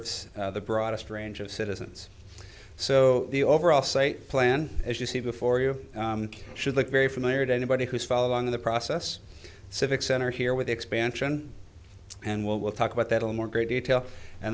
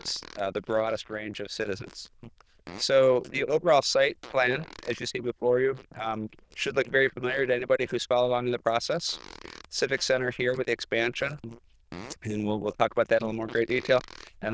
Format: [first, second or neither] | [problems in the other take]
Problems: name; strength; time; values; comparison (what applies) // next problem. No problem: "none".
first | noise reduction (neural diffusion model UNIVERSE++)